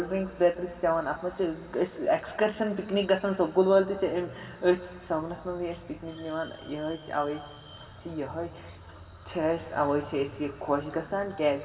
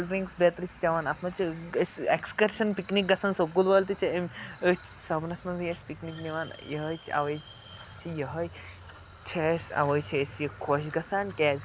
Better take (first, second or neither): second